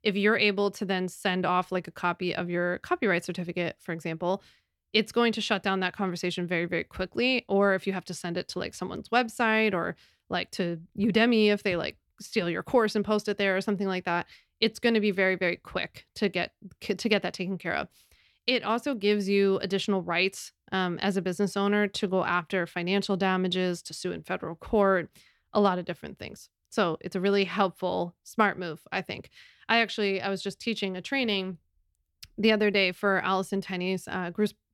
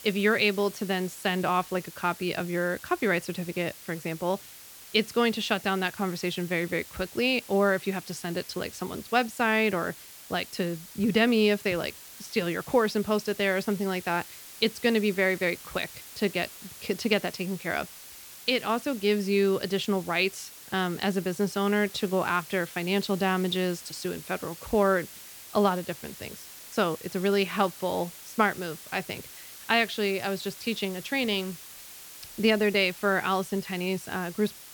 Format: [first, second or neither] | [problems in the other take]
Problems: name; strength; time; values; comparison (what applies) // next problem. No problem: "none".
first | hiss; noticeable; throughout; 15 dB below the speech